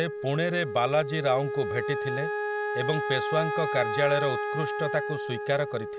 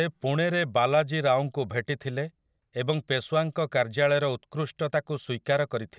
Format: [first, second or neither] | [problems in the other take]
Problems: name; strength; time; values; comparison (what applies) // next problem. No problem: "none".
second | background sound (Wind instrument, woodwind instrument); 2 dB below the speech